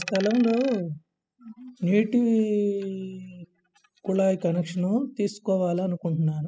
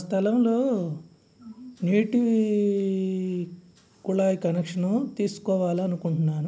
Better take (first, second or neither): second